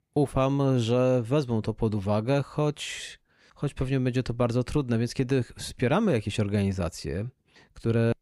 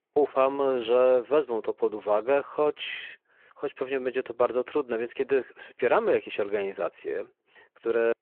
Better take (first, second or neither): first